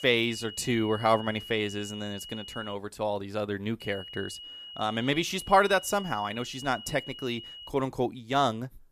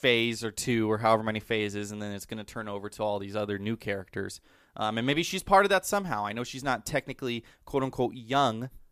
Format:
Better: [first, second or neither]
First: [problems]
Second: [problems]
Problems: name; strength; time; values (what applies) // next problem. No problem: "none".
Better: second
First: high-pitched whine; noticeable; until 2.5 s and from 4 to 7.5 s; 3 kHz, 10 dB below the speech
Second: none